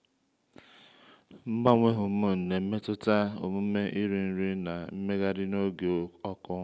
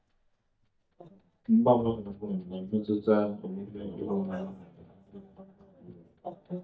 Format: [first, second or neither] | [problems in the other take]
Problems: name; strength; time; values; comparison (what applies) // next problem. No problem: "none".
first | noise reduction (neural mask model DeepFilterNet 3)